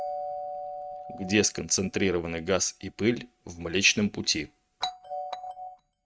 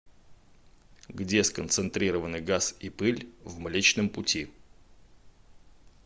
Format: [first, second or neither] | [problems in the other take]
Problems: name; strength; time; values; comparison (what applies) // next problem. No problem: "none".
second | noise reduction (neural mask model RNNoise)